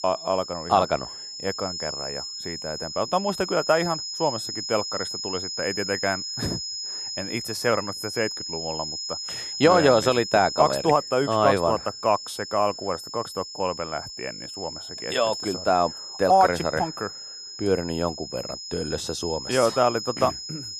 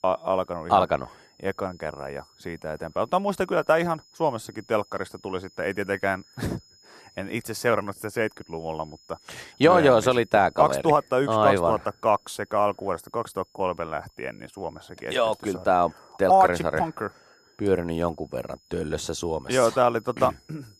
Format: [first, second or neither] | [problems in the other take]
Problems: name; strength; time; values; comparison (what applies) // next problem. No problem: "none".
second | high-pitched whine; loud; throughout; 5 kHz, 7 dB below the speech; faint in the second